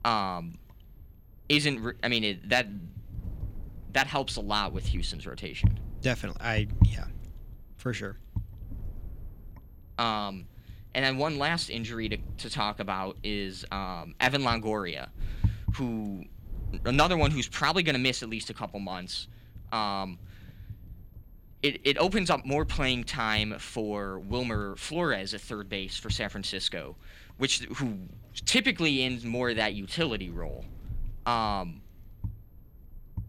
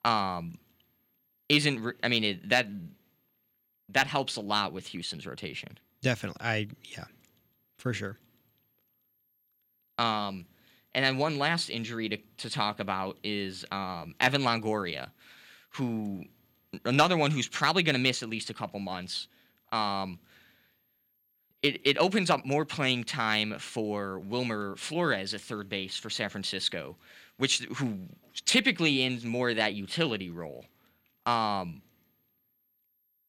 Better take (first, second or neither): second